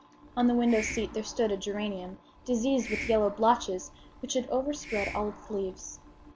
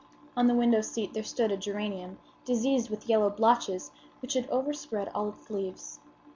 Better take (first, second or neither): second